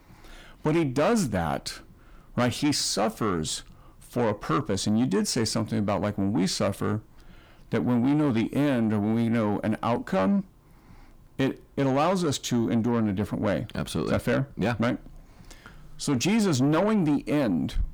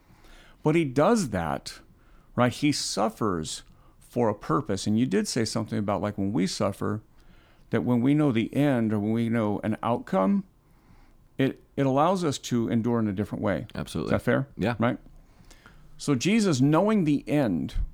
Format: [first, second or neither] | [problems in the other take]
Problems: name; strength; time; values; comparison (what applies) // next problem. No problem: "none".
second | distortion; slight; 10 dB below the speech